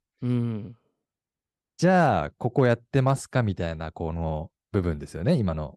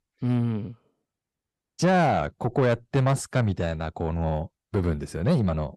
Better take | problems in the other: first | distortion; slight; 10 dB below the speech

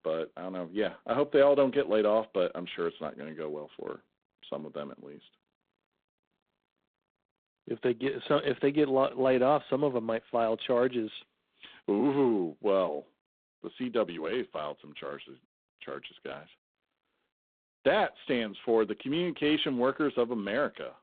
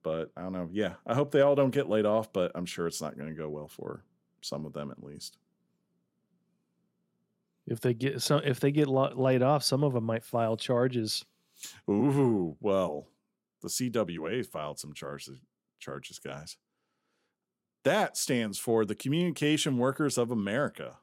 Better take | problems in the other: second | phone-call audio; poor line

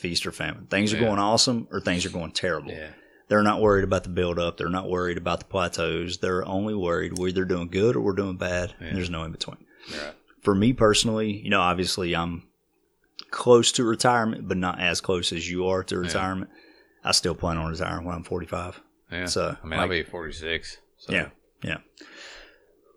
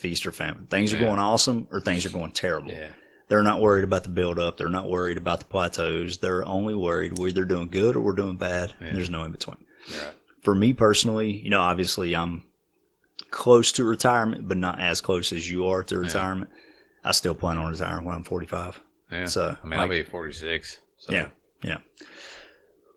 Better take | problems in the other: first | garbled, watery; slightly

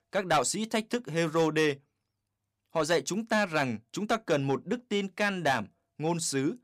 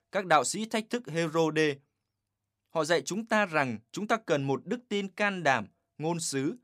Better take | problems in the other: second | distortion; slight; 3% of the sound clipped

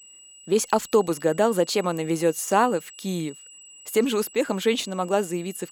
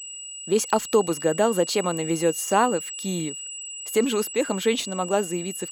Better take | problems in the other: first | high-pitched whine; loud; throughout; 8 kHz, 9 dB below the speech; faint in the first

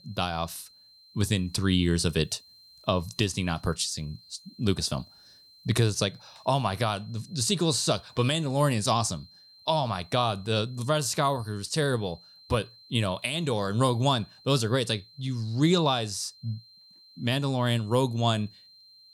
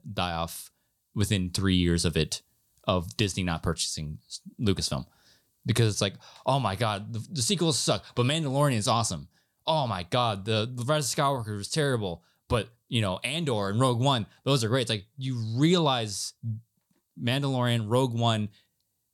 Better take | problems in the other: second | high-pitched whine; faint; throughout; 4 kHz, 25 dB below the speech

